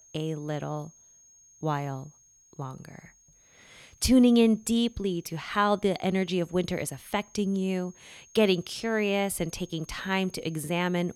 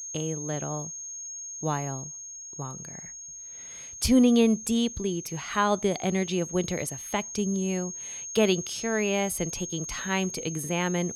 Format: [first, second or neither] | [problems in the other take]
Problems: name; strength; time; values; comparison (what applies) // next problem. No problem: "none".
first | high-pitched whine; loud; throughout; 6.5 kHz, 9 dB below the speech; faint in the first